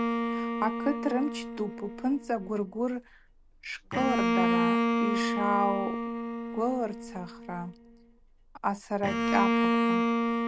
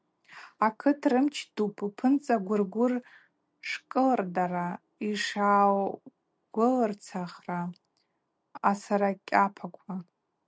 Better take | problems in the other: second | background sound (Bowed string instrument); 2 dB above the speech

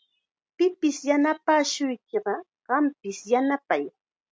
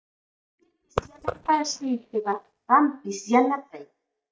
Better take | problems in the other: first | noise reduction (neural mask model DeepFilterNet 3)

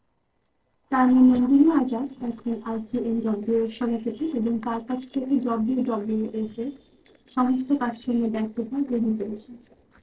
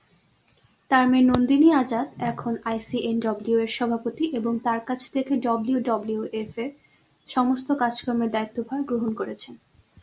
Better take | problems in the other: second | noise reduction (neural separator model SepFormer DNS4)

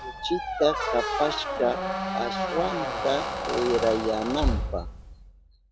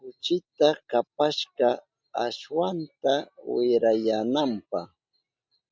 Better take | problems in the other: second | background sound (Squeak); 1 dB below the speech

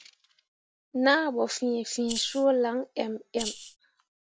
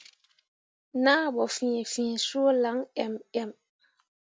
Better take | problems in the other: second | background sound (Rattle (instrument)); 8 dB below the speech

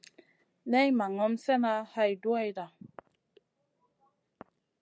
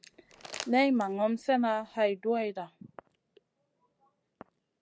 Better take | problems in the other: first | background sound (Crumpling, crinkling); 16 dB below the speech

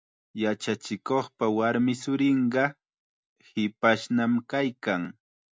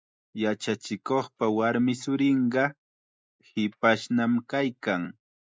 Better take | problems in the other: first | noise reduction (neural mask model Resemble Enhance denoiser)

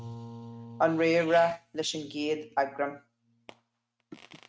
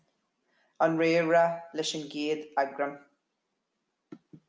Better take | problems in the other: second | noise reduction (neural mask model RNNoise)

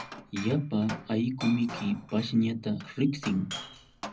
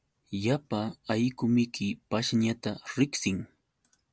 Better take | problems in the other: second | background sound (Glass); 13 dB below the speech // room echo; dies away in 0.4 s

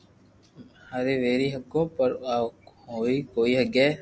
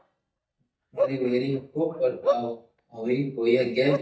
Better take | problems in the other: first | noise reduction (neural mask model DeepFilterNet 3)

